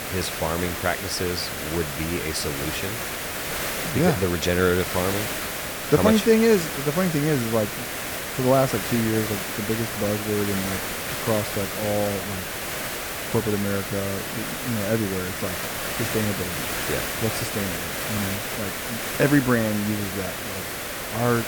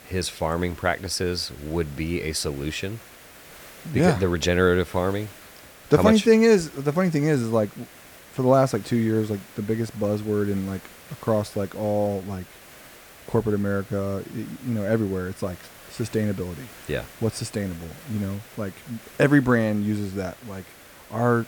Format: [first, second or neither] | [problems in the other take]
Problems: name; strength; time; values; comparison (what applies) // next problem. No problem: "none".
second | hiss; loud; throughout; 3 dB below the speech; faint in the second